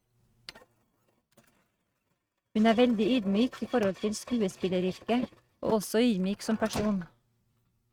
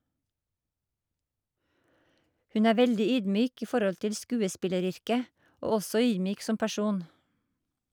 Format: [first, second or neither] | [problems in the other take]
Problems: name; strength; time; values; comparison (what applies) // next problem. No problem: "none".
second | noise reduction (neural mask model RNNoise)